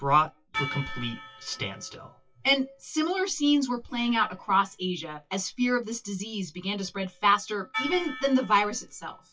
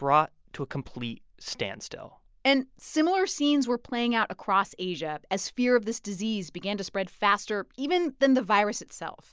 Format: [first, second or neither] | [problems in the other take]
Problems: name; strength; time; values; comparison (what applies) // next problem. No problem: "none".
second | noise reduction (classical method WPE with log-MMSE)